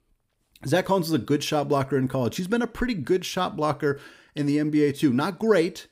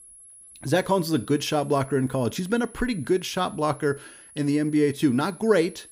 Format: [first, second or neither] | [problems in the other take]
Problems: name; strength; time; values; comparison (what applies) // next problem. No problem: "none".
first | high-pitched whine; faint; throughout; 10.5 kHz, 20 dB below the speech